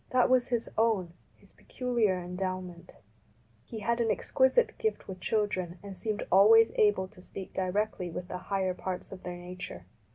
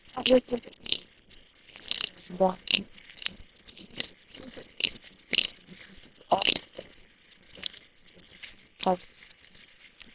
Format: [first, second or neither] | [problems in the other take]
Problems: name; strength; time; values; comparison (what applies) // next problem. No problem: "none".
first | noise reduction (neural separator model SepFormer WHAM!)